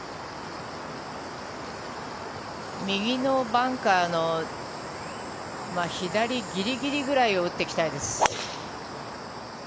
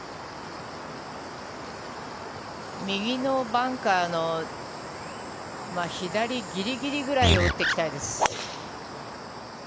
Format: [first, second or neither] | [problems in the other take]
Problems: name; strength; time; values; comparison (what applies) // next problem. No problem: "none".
first | background sound (Animal); 5 dB above the speech